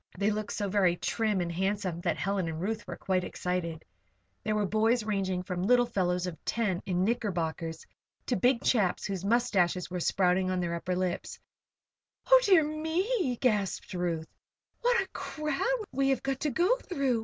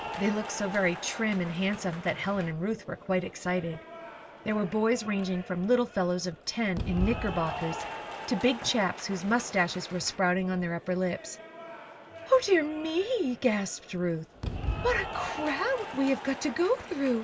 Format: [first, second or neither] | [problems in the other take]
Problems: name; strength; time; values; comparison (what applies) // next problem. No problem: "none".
first | background sound (Applause / Cheering); 10 dB below the speech